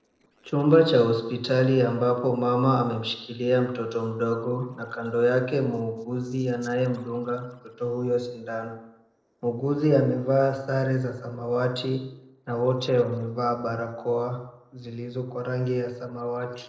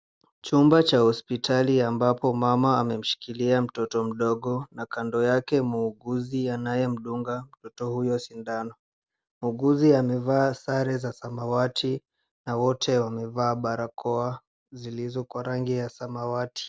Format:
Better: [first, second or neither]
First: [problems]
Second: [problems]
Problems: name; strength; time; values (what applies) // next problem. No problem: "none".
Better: second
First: noise reduction (neural separator model SepFormer DNS4)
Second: none